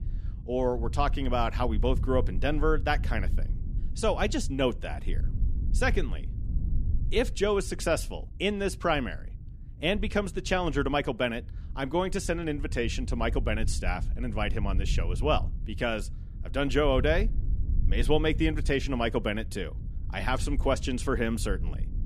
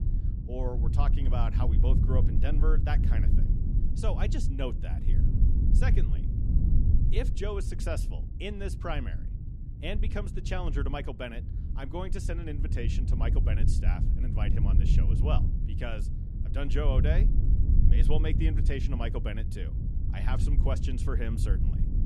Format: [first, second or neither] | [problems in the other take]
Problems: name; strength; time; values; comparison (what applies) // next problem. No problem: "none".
first | low rumble; loud; throughout; 6 dB below the speech; faint in the first